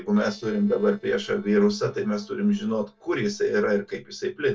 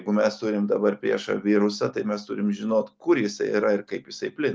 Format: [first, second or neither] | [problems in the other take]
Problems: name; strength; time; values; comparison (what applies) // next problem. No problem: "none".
second | noise reduction (neural separator model SepFormer DNS4)